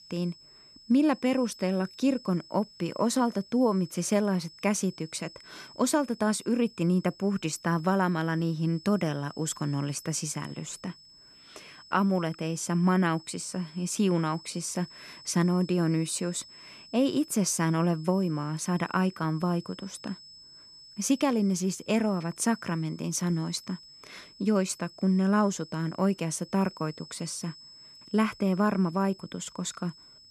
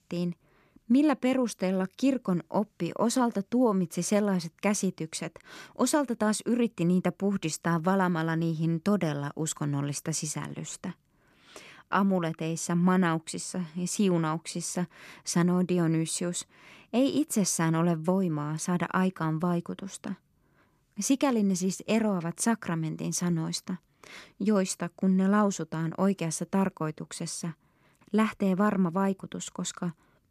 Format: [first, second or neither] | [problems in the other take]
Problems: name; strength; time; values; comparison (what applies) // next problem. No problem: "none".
second | high-pitched whine; faint; throughout; 5 kHz, 20 dB below the speech